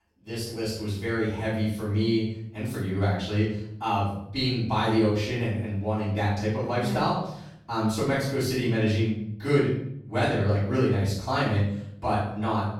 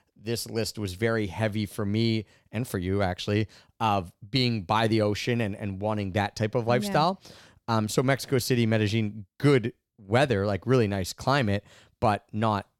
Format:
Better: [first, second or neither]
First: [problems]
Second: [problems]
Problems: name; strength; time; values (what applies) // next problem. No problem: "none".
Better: second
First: off-mic speech; far // room echo; noticeable; dies away in 0.7 s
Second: none